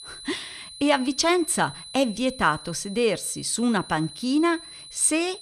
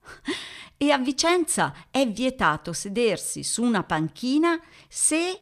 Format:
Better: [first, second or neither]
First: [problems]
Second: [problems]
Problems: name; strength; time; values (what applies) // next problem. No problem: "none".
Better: second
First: high-pitched whine; noticeable; throughout; 4 kHz, 15 dB below the speech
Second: none